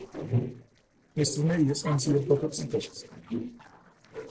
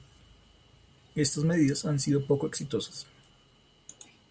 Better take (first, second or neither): second